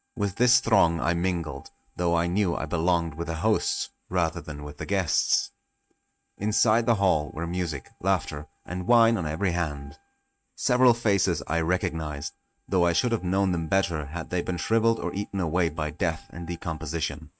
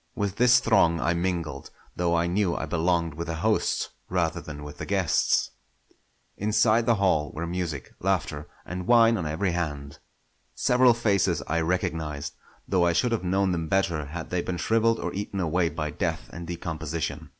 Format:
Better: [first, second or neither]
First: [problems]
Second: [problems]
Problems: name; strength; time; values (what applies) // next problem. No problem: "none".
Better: second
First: noise reduction (neural mask model RNNoise)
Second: none